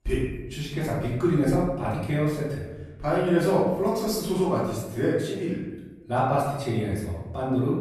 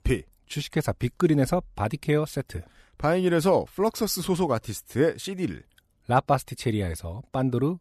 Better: second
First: room echo; noticeable; dies away in 0.9 s // off-mic speech; far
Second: none

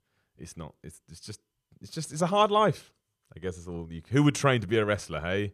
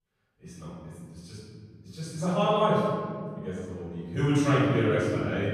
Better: first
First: none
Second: room echo; strong; dies away in 2.7 s // off-mic speech; far

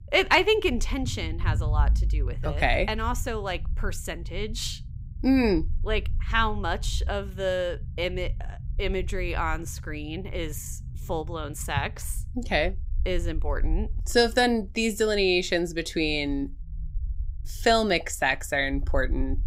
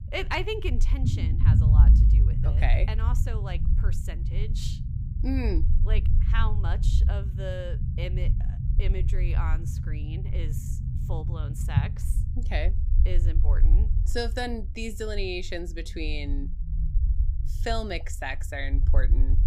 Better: first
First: low rumble; faint; throughout; 25 dB below the speech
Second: low rumble; loud; throughout; 8 dB below the speech

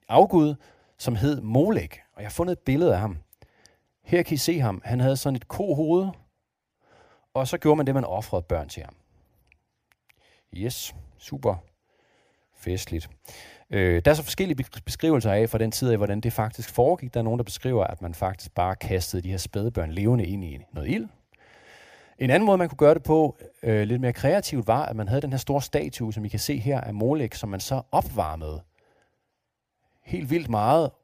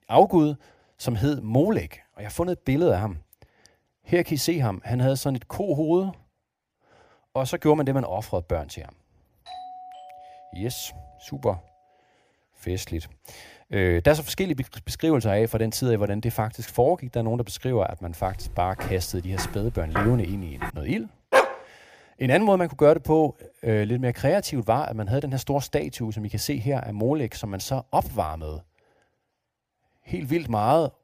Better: first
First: none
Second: doorbell; faint; from 9.5 to 11 s; peak 15 dB below the speech // footsteps; noticeable; from 18 to 21 s; peak 4 dB below the speech // dog barking; loud; at 21 s; peak 4 dB above the speech

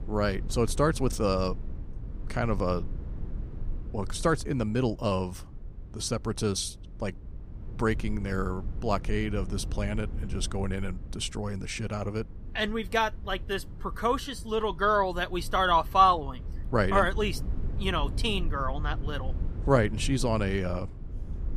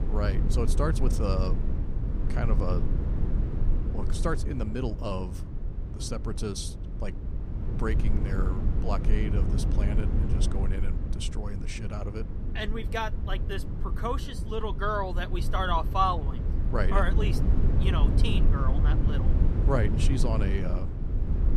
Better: first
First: low rumble; faint; throughout; 25 dB below the speech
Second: low rumble; loud; throughout; 8 dB below the speech

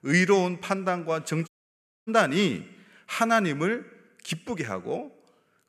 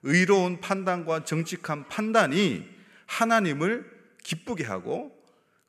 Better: second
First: audio cutting out; at 1.5 s for 0.5 s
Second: none

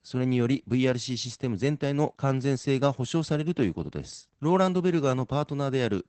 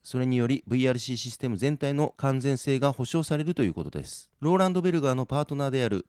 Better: second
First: garbled, watery; badly; nothing above 8 kHz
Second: garbled, watery; slightly

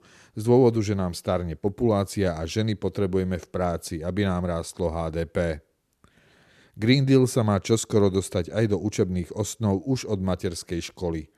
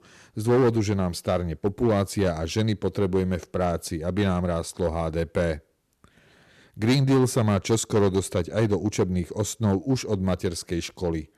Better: first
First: none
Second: distortion; slight; 5% of the sound clipped

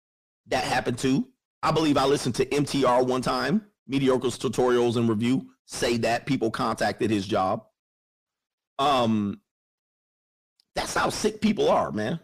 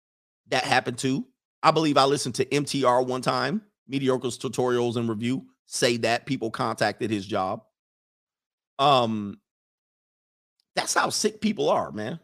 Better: second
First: distortion; heavy; 6 dB below the speech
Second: none

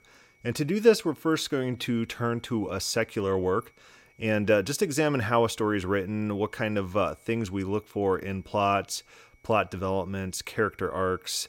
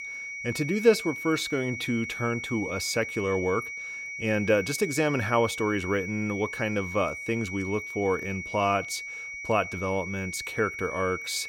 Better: first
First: high-pitched whine; faint; throughout; 2 kHz, 35 dB below the speech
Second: high-pitched whine; loud; throughout; 2 kHz, 7 dB below the speech

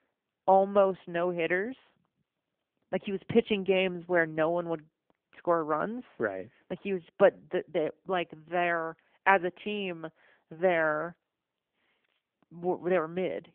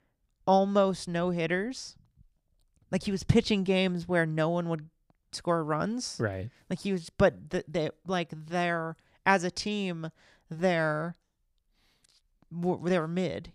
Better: second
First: phone-call audio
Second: none

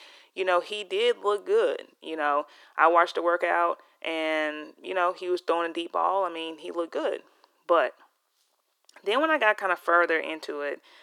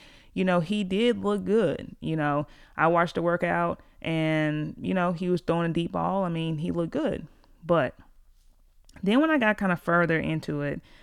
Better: second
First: thin; very; fading below 350 Hz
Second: none

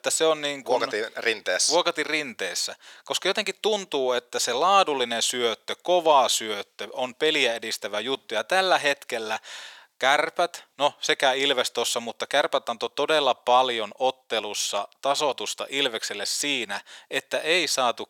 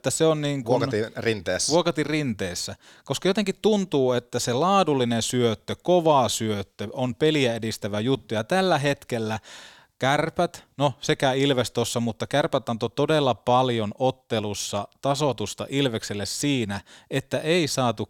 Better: second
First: thin; somewhat; fading below 550 Hz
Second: none

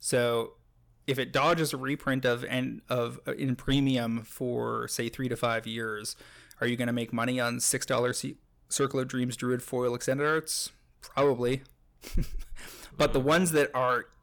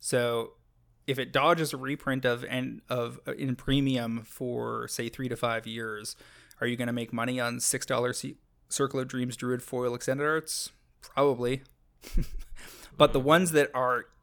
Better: second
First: distortion; slight; 10 dB below the speech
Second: none

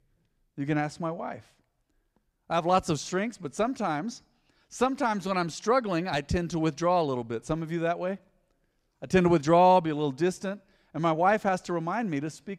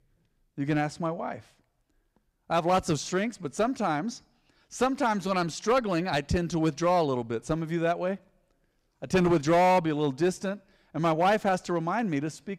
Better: first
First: none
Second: distortion; slight; 4% of the sound clipped

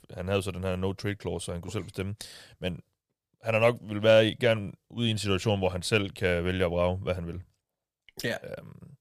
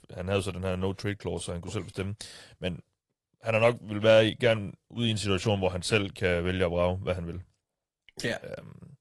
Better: first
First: none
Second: garbled, watery; slightly

